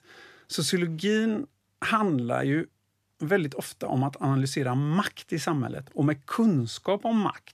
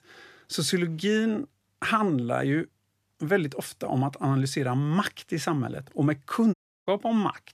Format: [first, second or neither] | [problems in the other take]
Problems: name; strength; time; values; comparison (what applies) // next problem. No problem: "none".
first | audio cutting out; at 6.5 s